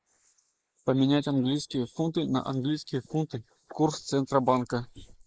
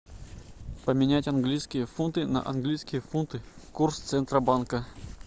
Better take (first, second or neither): second